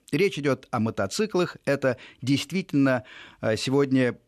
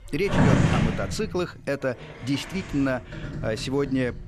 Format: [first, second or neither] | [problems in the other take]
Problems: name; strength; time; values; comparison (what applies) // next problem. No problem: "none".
first | household noises; very loud; throughout; 3 dB above the speech